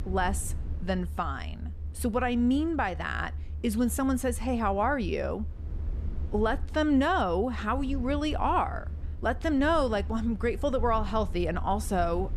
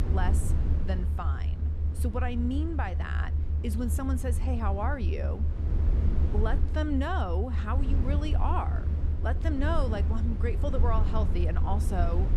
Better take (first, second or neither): first